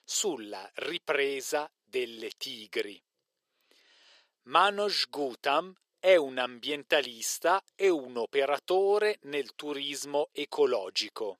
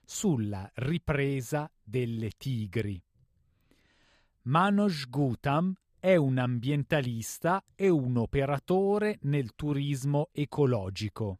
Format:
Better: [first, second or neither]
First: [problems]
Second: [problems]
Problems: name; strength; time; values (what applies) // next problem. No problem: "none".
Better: second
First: thin; very; fading below 400 Hz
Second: none